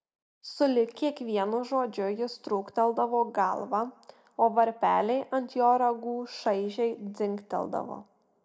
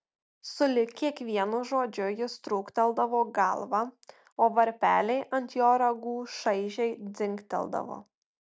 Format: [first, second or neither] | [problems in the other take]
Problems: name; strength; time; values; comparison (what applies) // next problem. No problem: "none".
second | room echo; dies away in 0.6 s